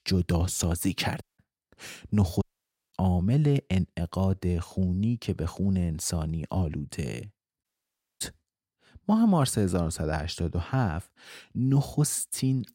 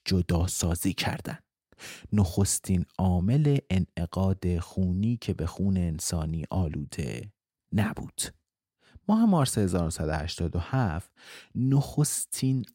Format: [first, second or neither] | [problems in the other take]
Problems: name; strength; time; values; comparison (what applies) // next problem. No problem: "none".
second | audio cutting out; at 1 s, at 2.5 s for 0.5 s and at 7.5 s for 0.5 s